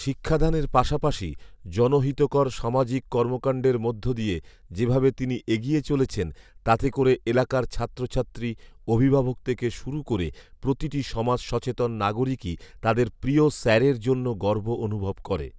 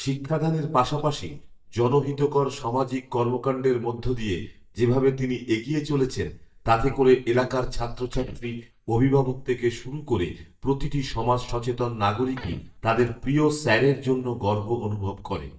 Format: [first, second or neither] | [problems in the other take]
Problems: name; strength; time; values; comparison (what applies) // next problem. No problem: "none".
first | noise reduction (neural mask model DeepFilterNet 3)